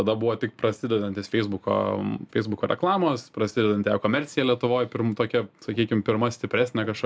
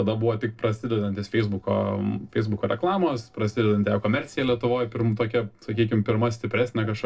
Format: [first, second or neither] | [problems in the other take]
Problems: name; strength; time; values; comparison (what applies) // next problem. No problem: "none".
first | noise reduction (neural separator model SepFormer DNS4)